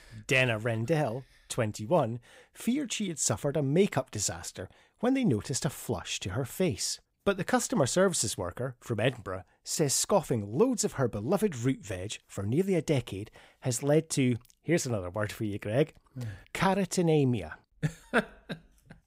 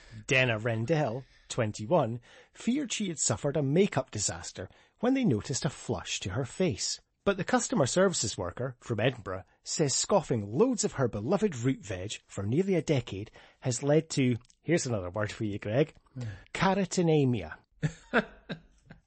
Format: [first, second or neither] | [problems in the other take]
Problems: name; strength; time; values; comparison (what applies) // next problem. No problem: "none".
first | garbled, watery; slightly; nothing above 8 kHz